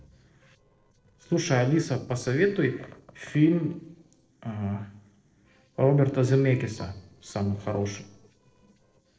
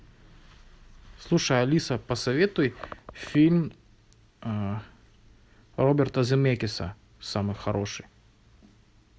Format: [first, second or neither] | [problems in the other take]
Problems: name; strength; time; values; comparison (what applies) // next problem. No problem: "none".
second | noise reduction (neural separator model SepFormer DNS4)